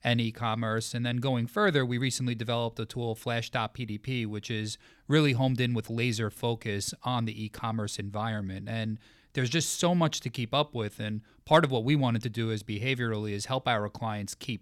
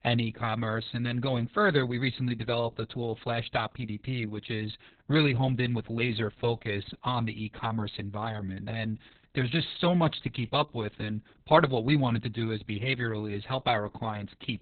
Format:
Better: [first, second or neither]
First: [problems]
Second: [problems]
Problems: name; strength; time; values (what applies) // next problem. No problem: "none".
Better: first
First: none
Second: garbled, watery; badly; nothing above 4 kHz